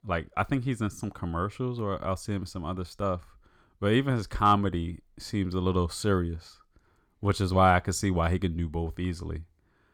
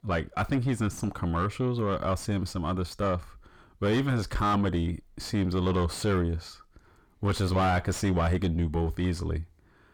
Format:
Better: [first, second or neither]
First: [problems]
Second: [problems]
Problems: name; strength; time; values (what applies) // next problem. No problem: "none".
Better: first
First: none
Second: distortion; heavy; 5 dB below the speech